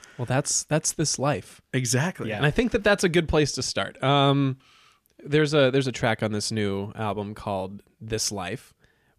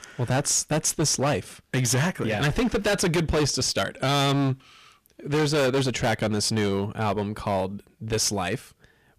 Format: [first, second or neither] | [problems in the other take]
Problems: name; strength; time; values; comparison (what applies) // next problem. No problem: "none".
first | distortion; heavy; 16% of the sound clipped